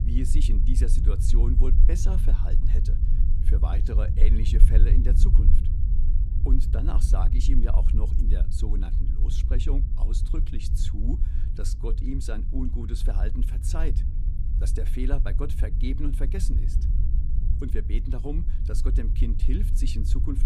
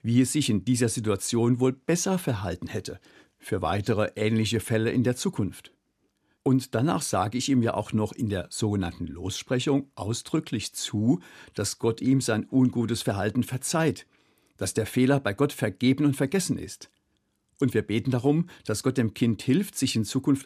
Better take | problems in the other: second | low rumble; loud; throughout; 5 dB below the speech

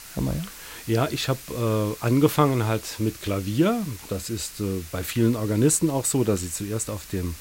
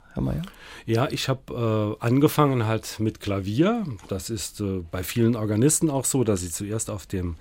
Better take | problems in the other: second | hiss; noticeable; throughout; 15 dB below the speech

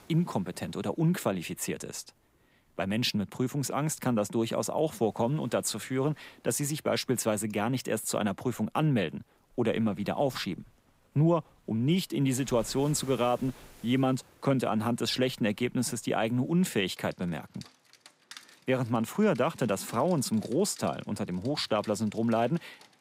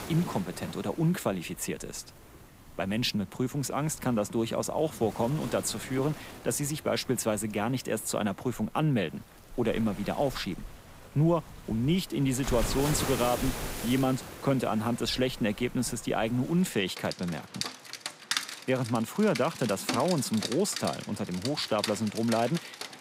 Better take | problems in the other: first | rain or running water; loud; throughout; 9 dB below the speech; faint in the first

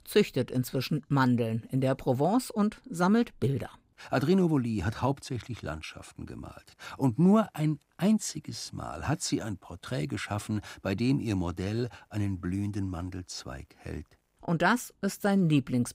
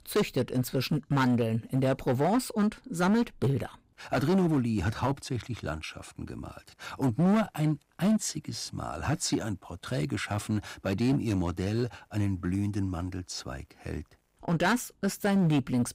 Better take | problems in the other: first | distortion; slight; 7% of the sound clipped

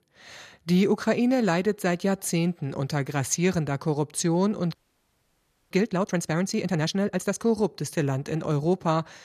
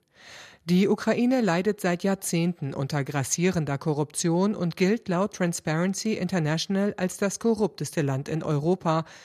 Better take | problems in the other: second | audio freezing; at 5 s for 1 s

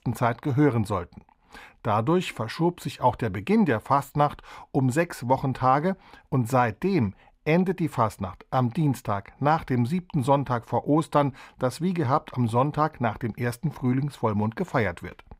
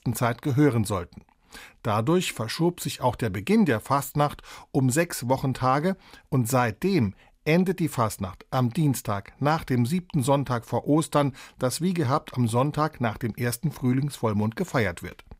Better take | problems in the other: second | muffled; slightly; fading above 4 kHz

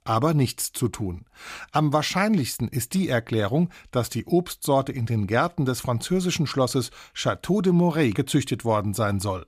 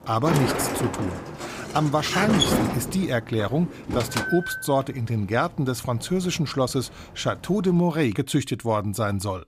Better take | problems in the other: first | door banging; loud; until 4.5 s; peak 4 dB above the speech

